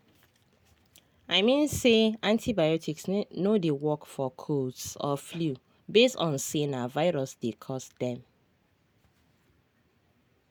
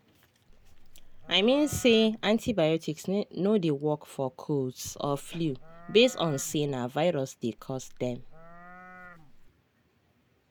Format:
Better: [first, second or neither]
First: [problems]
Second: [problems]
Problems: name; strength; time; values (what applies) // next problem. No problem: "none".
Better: first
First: none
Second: background sound (Livestock, farm animals, working animals); 18 dB below the speech